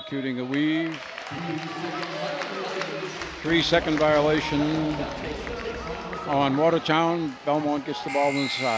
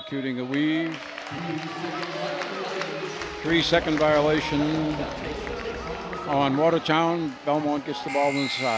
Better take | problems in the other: first | background sound (Wind instrument, woodwind instrument); 19 dB below the speech

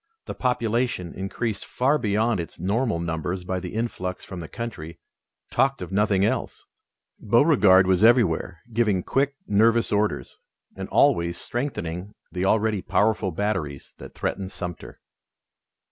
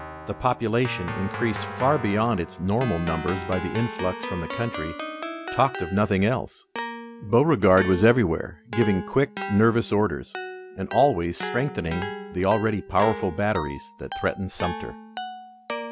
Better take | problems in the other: first | background sound (Keyboard (musical)); 10 dB below the speech

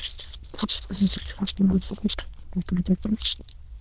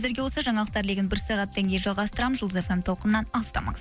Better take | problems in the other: second | noise reduction (neural diffusion model UNIVERSE++)

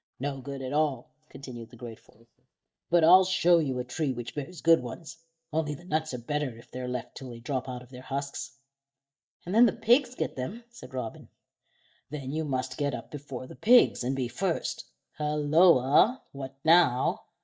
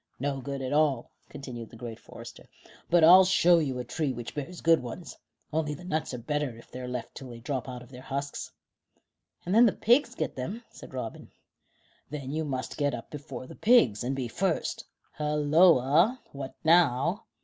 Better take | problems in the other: second | noise reduction (neural mask model DeepFilterNet 3)

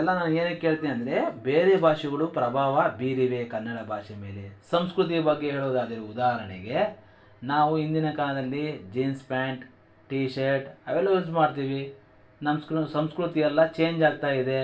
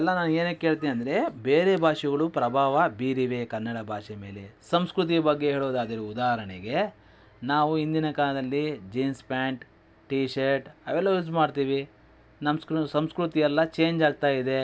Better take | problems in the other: second | room echo; dies away in 0.3 s

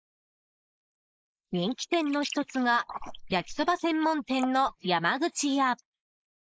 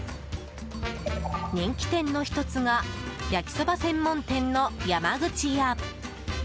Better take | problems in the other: second | noise reduction (neural mask model Resemble Enhance denoiser)

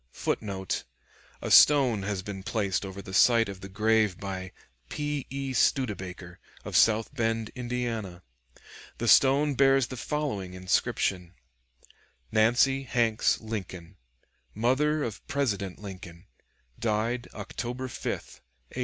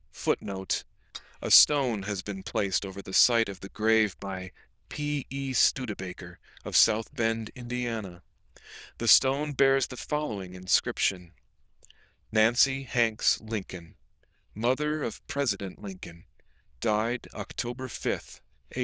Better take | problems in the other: first | noise reduction (neural diffusion model UNIVERSE++)

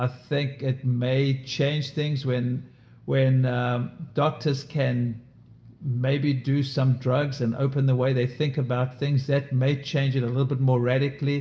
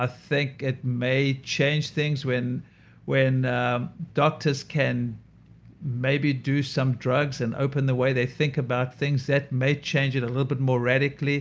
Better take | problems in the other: second | room echo; dies away in 0.7 s

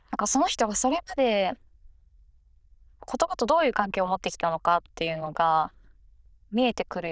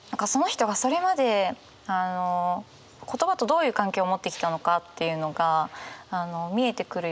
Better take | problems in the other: second | noise reduction (neural diffusion model UNIVERSE++)

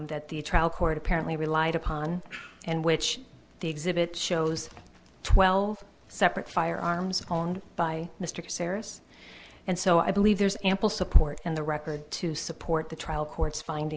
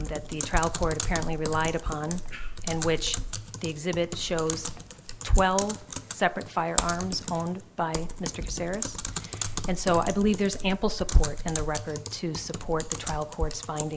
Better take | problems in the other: first | background sound (Typing); 6 dB below the speech

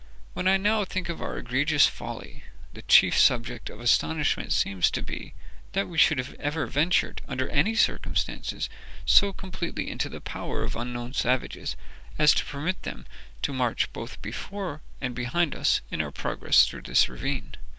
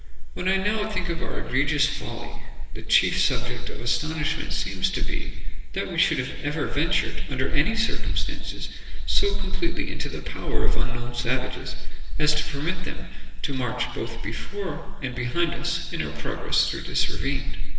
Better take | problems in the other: first | room echo; dies away in 1.3 s

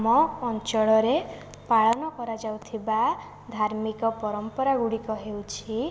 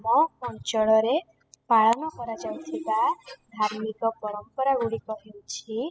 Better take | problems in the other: first | noise reduction (classical method spectral subtraction)

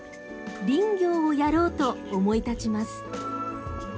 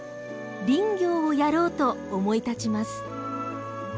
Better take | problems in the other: second | background sound (Drum kit); 15 dB below the speech // room echo; dies away in 0.3 s

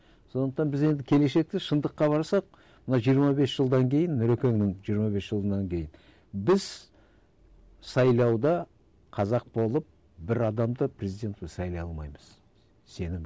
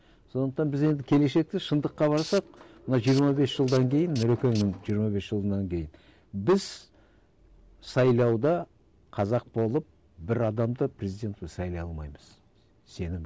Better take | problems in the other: first | background sound (Tools); 17 dB below the speech

